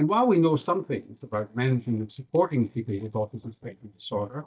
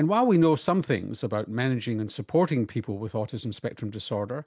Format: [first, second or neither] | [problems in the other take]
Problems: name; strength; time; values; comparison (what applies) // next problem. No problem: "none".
second | noise reduction (neural mask model DeepFilterNet 3)